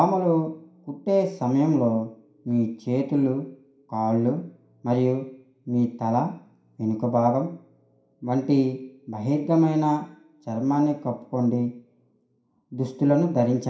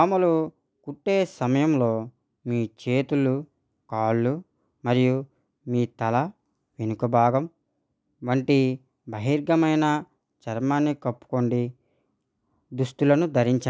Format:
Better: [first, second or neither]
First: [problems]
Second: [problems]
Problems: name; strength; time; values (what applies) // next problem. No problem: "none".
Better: second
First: room echo; dies away in 0.5 s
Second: none